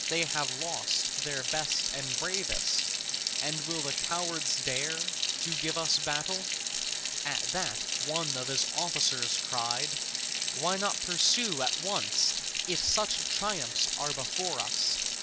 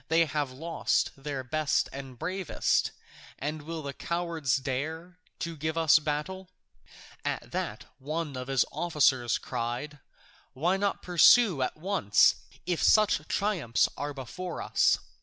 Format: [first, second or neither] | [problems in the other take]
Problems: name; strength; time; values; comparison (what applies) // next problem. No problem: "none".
second | background sound (Sink (filling or washing) / Water tap, faucet); 2 dB above the speech